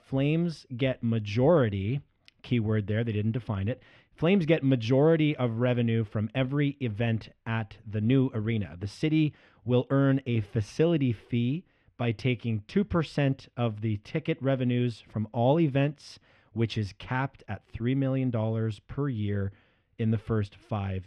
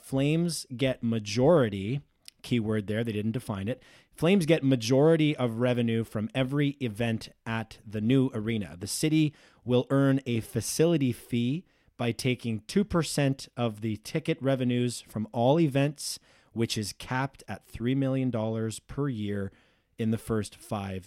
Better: second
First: muffled; slightly; fading above 2.5 kHz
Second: none

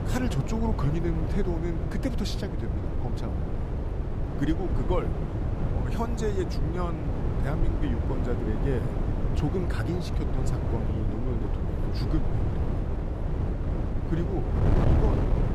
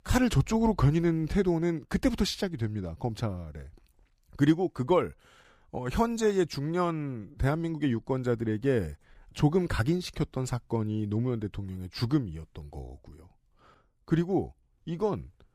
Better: second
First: wind noise on the microphone; heavy; 1 dB below the speech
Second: none

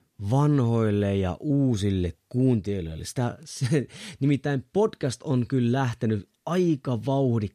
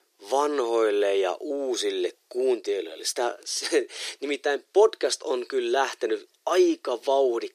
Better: first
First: none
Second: thin; very; fading below 350 Hz

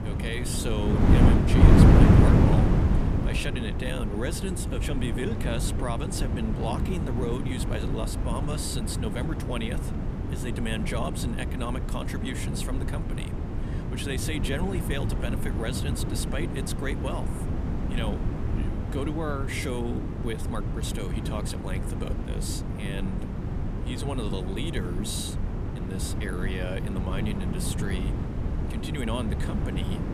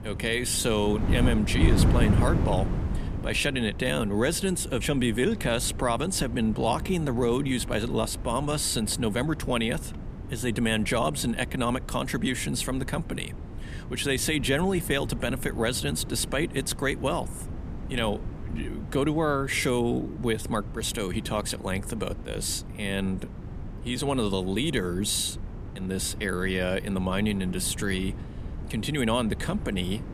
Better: second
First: wind noise on the microphone; heavy; as loud as the speech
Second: wind noise on the microphone; occasional gusts; 15 dB below the speech

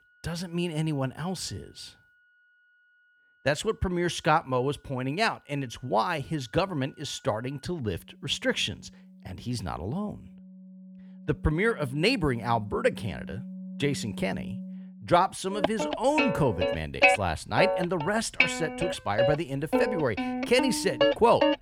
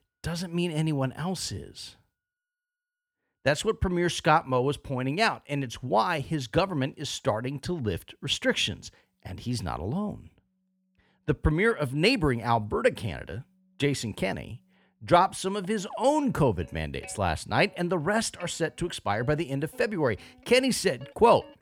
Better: second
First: background music; loud; throughout; as loud as the speech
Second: background music; faint; throughout; 30 dB below the speech

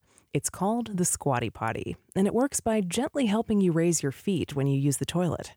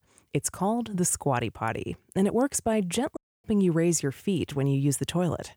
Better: first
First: none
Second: audio cutting out; at 3 s

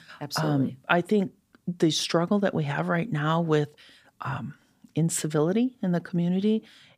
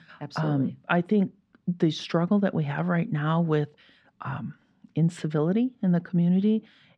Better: first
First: none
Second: muffled; slightly; fading above 3.5 kHz

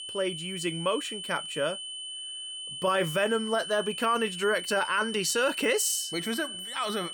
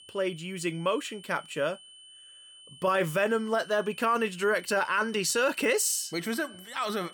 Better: second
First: high-pitched whine; loud; throughout; 3 kHz, 7 dB below the speech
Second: high-pitched whine; faint; throughout; 3 kHz, 20 dB below the speech

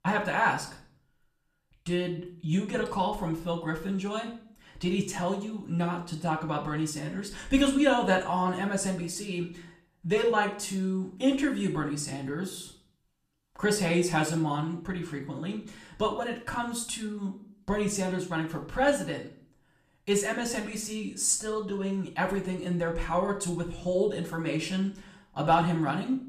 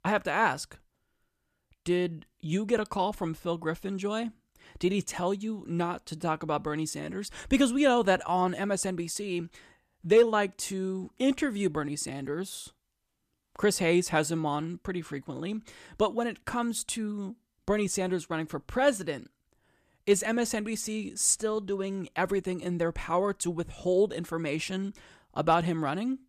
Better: second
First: room echo; slight; dies away in 0.4 s // off-mic speech; far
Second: none

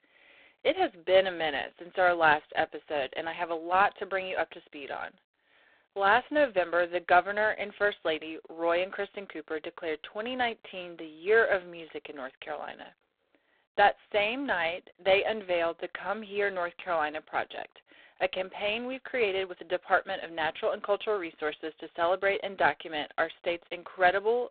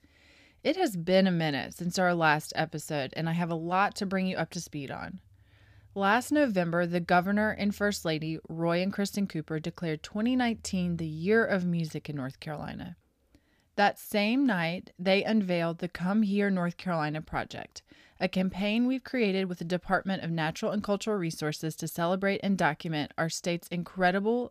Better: second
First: phone-call audio; poor line; nothing above 3.5 kHz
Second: none

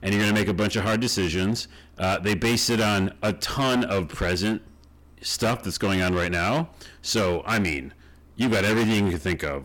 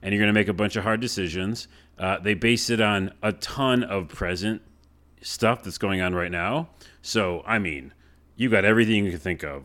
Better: second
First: distortion; heavy; 19% of the sound clipped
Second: none

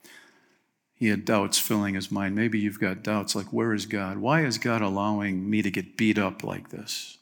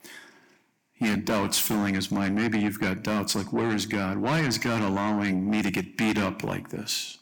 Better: first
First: none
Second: distortion; heavy; 7 dB below the speech

